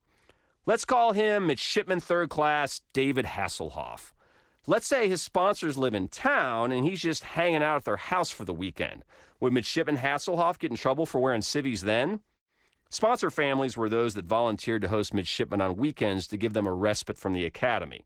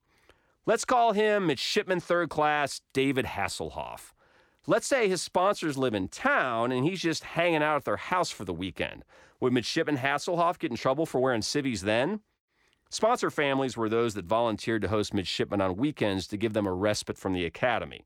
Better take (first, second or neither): second